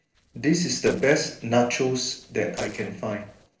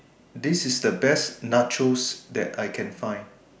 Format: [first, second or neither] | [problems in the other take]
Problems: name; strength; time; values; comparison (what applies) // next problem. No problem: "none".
second | noise reduction (neural separator model SepFormer DNS4)